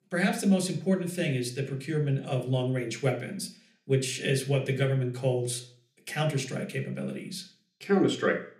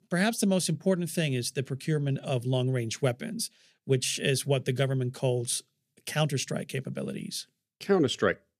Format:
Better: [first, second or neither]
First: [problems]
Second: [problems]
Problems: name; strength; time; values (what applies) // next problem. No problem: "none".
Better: second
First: room echo; very slight; dies away in 0.4 s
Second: none